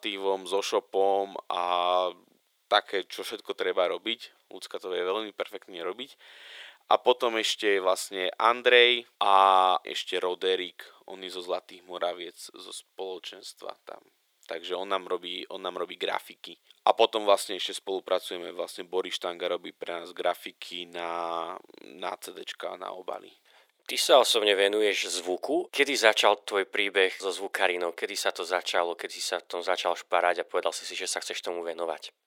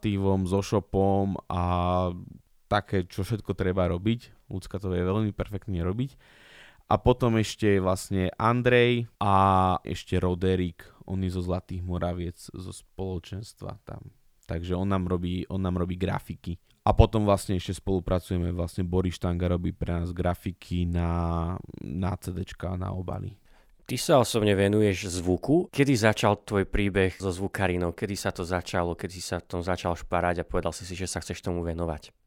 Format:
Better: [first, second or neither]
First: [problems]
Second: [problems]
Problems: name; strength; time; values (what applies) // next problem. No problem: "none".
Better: second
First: thin; very; fading below 400 Hz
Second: none